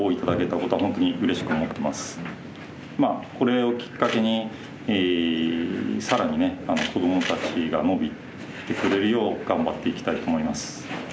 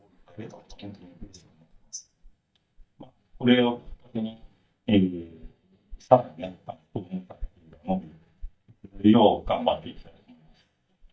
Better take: first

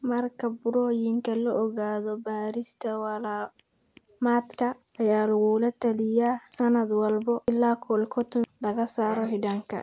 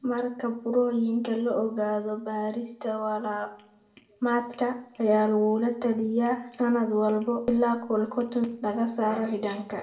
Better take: first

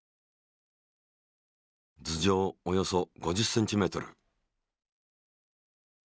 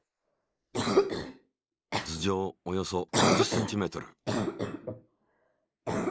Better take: first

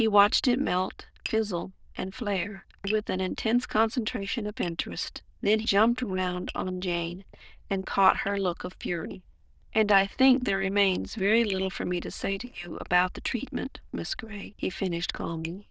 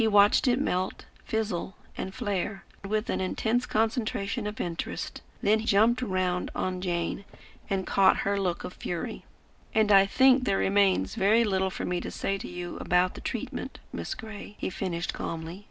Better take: second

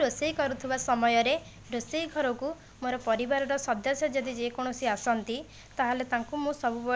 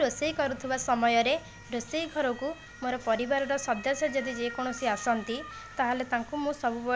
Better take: first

